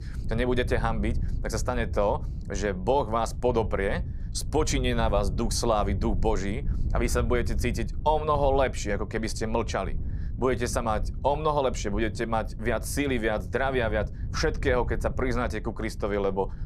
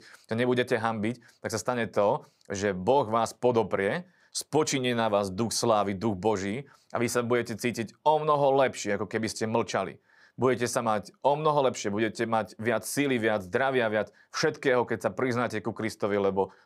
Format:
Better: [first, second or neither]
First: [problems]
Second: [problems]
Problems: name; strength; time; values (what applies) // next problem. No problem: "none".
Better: second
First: wind noise on the microphone; occasional gusts; 20 dB below the speech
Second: none